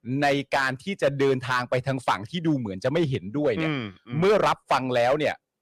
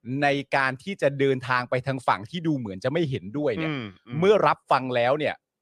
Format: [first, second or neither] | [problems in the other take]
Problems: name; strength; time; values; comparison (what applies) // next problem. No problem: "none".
second | distortion; slight; 5% of the sound clipped